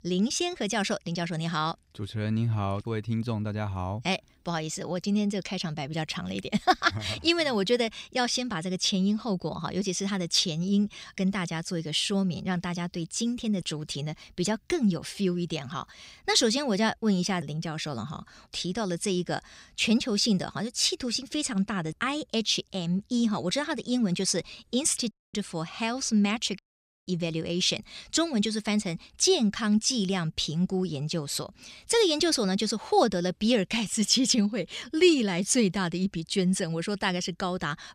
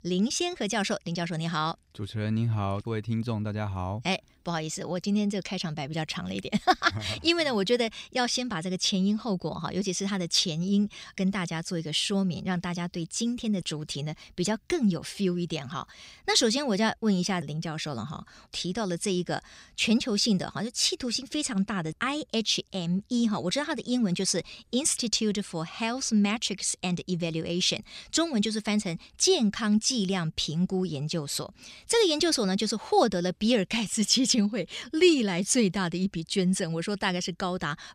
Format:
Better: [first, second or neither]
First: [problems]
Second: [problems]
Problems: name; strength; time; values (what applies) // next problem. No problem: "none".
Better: second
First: audio cutting out; at 25 s and at 27 s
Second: none